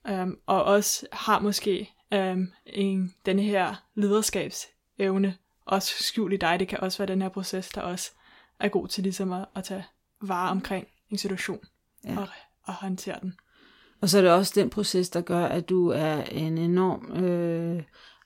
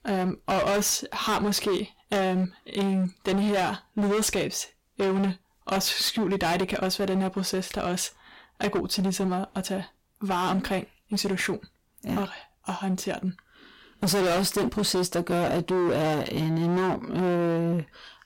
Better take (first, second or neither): first